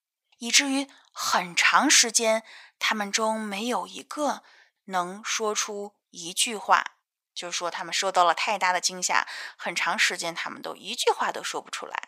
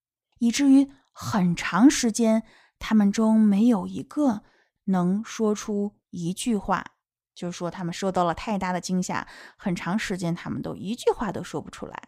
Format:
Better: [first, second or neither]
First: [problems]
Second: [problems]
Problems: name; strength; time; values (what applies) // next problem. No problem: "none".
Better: second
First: thin; very; fading below 750 Hz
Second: none